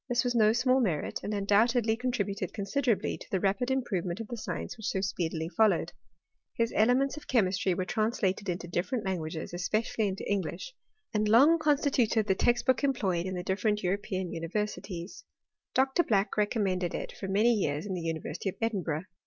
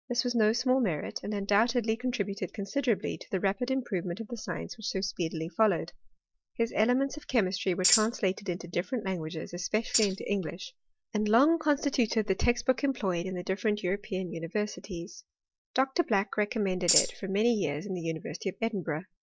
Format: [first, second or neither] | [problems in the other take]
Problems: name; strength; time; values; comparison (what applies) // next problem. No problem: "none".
first | noise reduction (neural mask model DeepFilterNet 3)